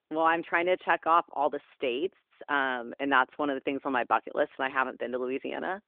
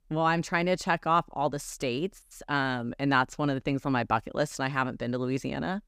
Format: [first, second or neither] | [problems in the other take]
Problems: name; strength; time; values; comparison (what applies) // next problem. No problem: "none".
second | phone-call audio